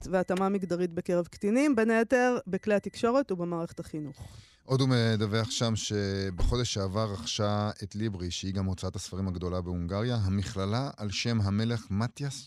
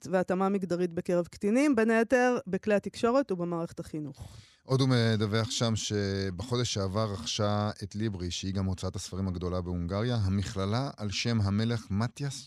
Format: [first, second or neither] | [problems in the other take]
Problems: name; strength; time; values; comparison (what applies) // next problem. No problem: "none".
second | alarm; noticeable; until 6.5 s; peak 7 dB below the speech